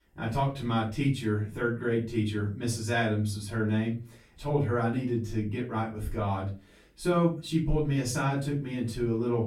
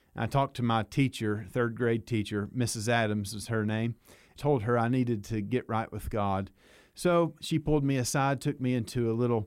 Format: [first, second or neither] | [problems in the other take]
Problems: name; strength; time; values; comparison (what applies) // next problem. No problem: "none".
second | off-mic speech; far // room echo; slight; dies away in 0.3 s